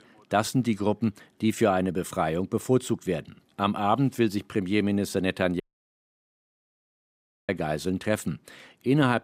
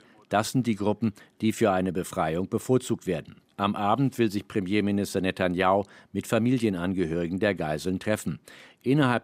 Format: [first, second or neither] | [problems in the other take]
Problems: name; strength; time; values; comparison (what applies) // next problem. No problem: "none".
second | audio cutting out; at 5.5 s for 2 s